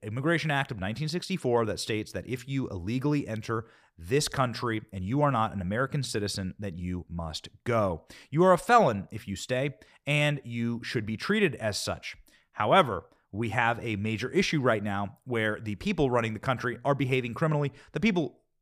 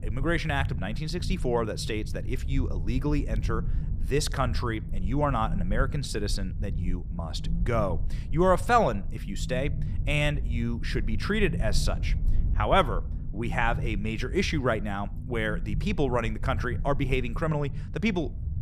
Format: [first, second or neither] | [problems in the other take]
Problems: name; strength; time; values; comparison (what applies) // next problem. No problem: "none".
first | low rumble; noticeable; throughout; 20 dB below the speech